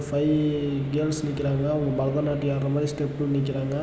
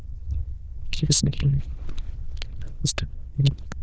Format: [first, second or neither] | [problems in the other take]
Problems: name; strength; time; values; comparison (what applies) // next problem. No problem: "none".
first | noise reduction (neural diffusion model UNIVERSE++)